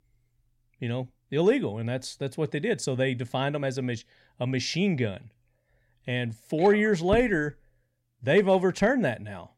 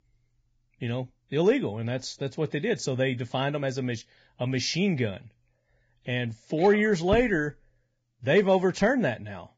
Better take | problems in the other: first | garbled, watery; badly; nothing above 7.5 kHz

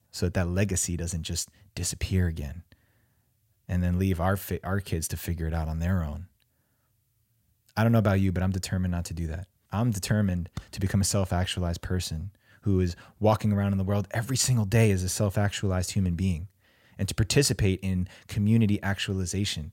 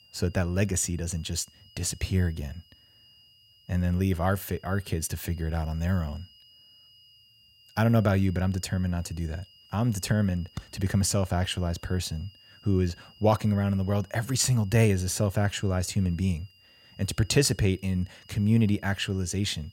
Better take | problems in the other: first | high-pitched whine; faint; throughout; 3 kHz, 25 dB below the speech

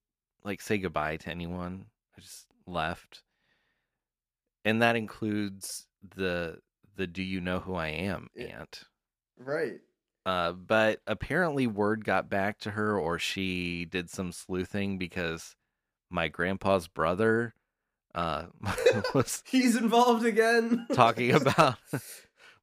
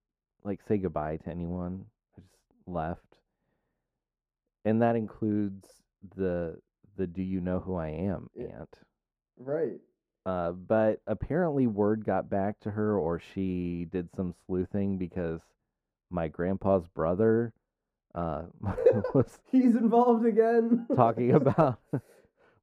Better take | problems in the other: first | muffled; very; fading above 1.5 kHz

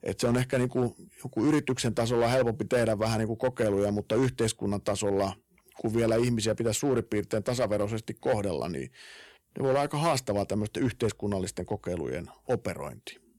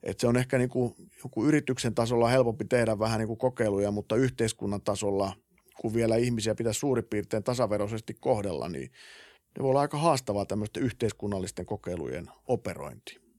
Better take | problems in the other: second | distortion; slight; 5% of the sound clipped

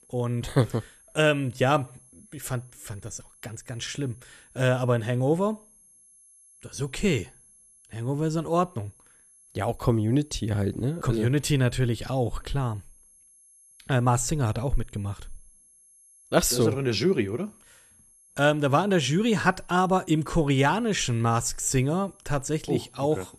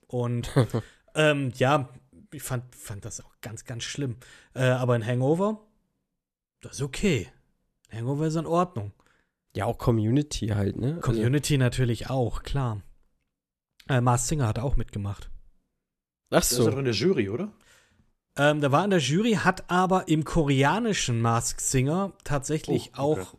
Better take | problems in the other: second | high-pitched whine; faint; throughout; 11 kHz, 30 dB below the speech

